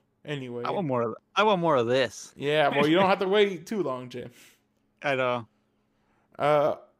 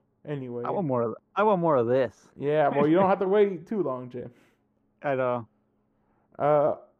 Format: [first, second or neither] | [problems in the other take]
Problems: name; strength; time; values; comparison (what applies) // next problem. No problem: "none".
first | muffled; very; fading above 2 kHz